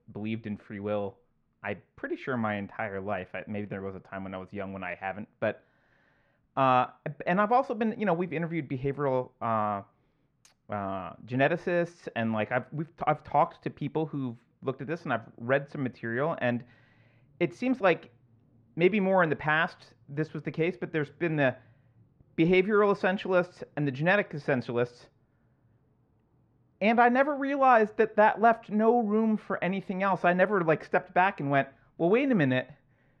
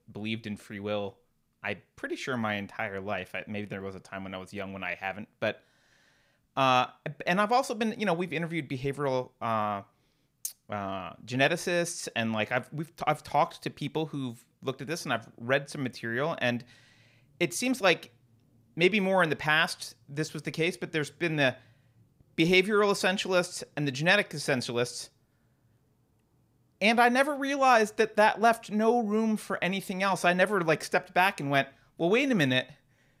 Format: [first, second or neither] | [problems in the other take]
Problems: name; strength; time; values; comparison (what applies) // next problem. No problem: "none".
second | muffled; very; fading above 1.5 kHz